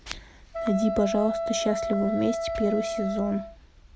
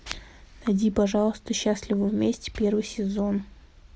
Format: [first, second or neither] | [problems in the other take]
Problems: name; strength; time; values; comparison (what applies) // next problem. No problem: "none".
second | background sound (Wind instrument, woodwind instrument); 3 dB below the speech